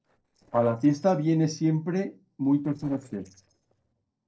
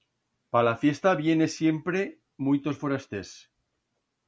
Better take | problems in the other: second | noise reduction (neural separator model SepFormer DNS4)

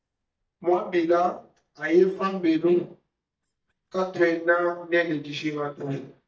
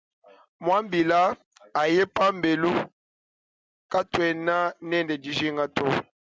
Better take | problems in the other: second | noise reduction (neural mask model DeepFilterNet 3)

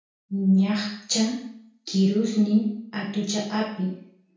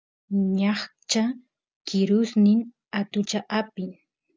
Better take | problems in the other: second | room echo; dies away in 0.6 s

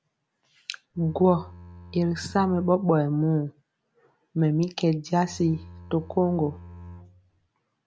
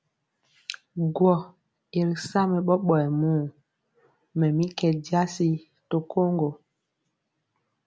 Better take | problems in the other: second | background sound (Bowed string instrument); 18 dB below the speech

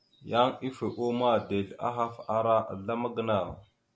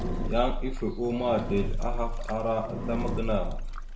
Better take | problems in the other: first | background sound (Engine); as loud as the speech // room echo; dies away in 0.5 s

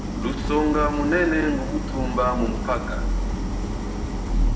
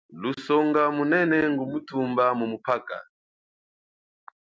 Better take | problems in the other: second | background sound (Idling); as loud as the speech // room echo; dies away in 1.3 s

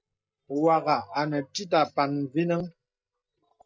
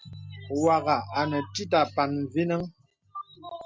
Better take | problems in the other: second | noise reduction (neural mask model DeepFilterNet 3)

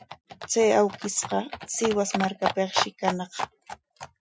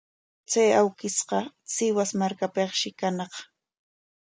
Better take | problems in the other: second | noise reduction (classical method Wiener filter)

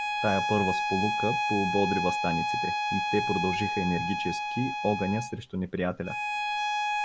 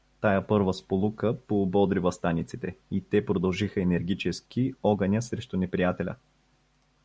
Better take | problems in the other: second | background sound (Bowed string instrument); 1 dB above the speech

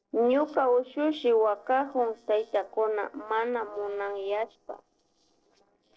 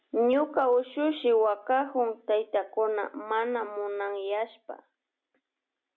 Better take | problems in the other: second | noise reduction (neural separator model SepFormer DNS4)

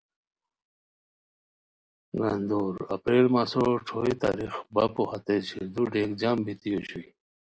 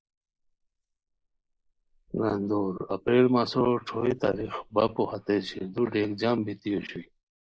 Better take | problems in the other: first | noise reduction (neural mask model Resemble Enhance denoiser)

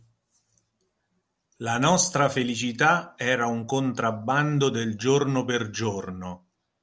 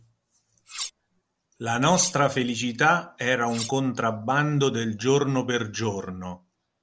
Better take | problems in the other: first | background sound (Cutlery, silverware); 12 dB below the speech

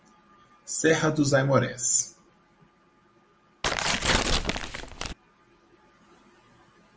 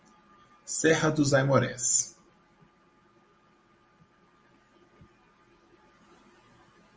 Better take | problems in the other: second | background sound (Tearing); 3 dB above the speech

